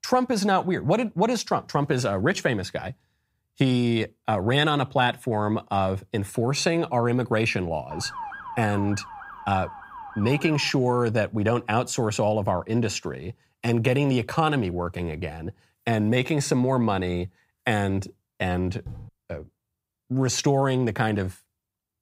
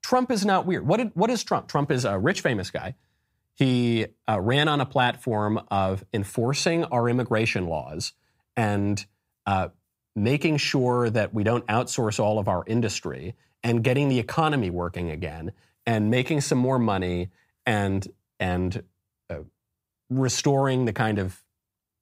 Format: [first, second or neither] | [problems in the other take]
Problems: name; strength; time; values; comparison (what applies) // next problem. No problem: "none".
second | siren; faint; from 8 to 11 s; peak 10 dB below the speech // door banging; faint; at 19 s; peak 15 dB below the speech